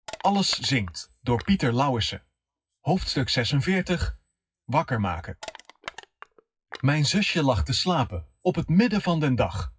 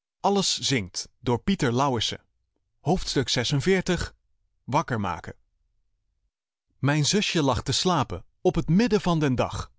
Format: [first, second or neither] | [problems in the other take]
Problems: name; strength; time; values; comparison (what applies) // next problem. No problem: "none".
second | noise reduction (classical method WPE with log-MMSE)